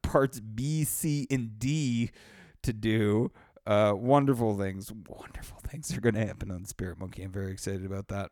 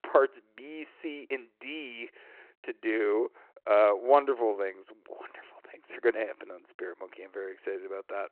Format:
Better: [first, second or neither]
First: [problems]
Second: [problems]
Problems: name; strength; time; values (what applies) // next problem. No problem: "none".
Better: first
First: none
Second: phone-call audio